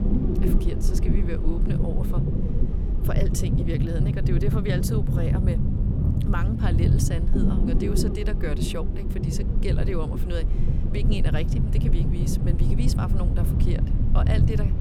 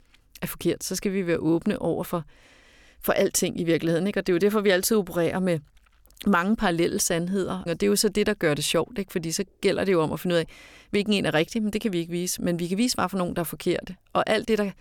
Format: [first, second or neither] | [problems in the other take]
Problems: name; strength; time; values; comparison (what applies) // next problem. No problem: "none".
second | low rumble; loud; throughout; as loud as the speech